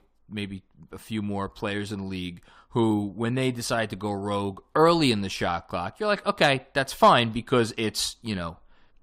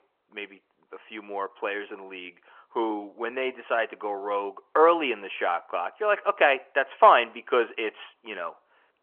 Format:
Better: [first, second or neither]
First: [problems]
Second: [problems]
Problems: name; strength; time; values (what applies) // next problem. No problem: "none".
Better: first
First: none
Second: phone-call audio